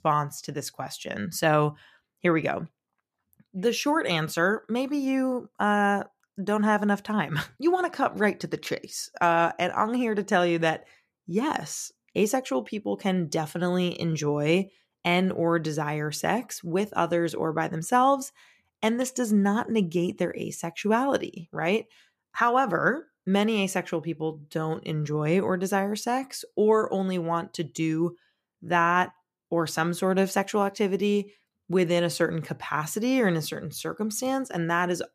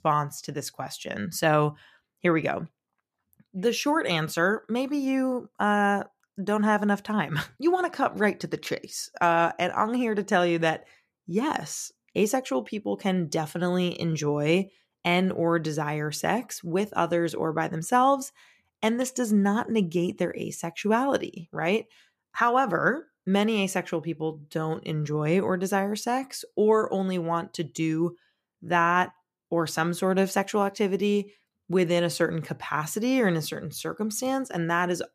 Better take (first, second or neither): neither